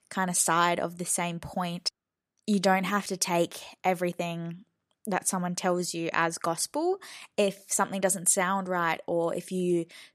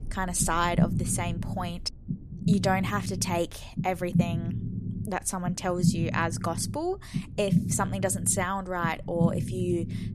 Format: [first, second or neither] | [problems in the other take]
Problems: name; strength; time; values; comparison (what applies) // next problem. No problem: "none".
first | low rumble; loud; throughout; 10 dB below the speech